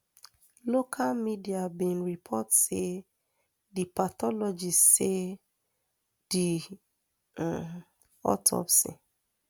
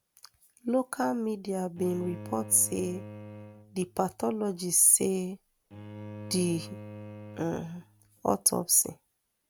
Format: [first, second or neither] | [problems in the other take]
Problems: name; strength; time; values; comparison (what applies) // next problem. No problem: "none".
first | background sound (Bowed string instrument); 15 dB below the speech